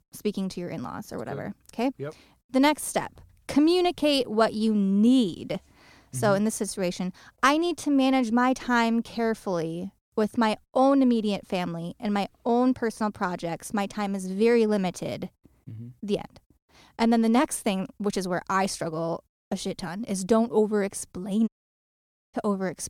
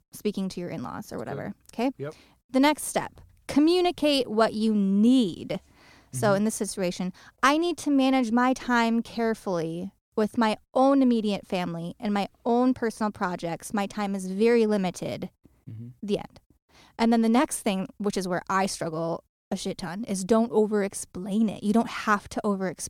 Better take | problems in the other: second | audio cutting out; at 21 s for 1 s

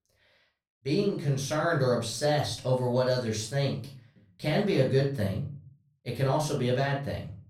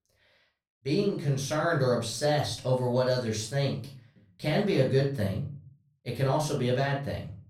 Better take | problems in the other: neither | room echo; slight; dies away in 0.4 s; the same in both // off-mic speech; far; the same in both

